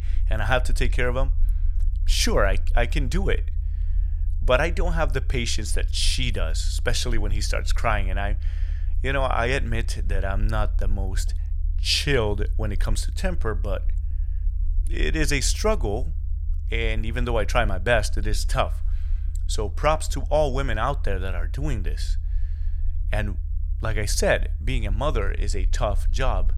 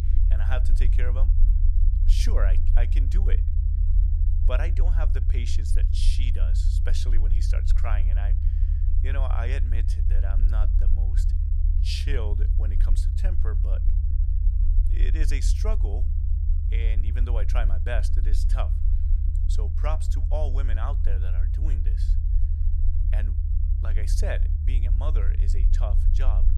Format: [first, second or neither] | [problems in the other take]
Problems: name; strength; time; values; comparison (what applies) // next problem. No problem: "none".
first | low rumble; loud; throughout; 6 dB below the speech; faint in the first